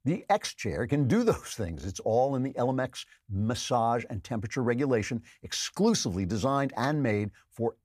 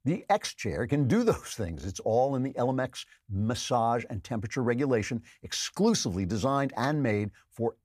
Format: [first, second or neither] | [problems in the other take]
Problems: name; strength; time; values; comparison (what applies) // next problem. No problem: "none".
neither | none